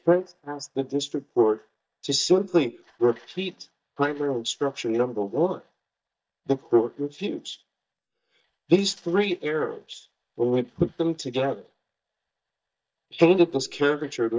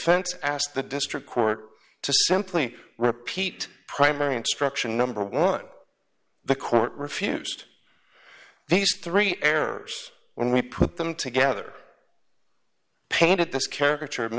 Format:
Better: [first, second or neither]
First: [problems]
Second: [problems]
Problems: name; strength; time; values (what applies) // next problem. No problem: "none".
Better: second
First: noise reduction (neural mask model DeepFilterNet 3)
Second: none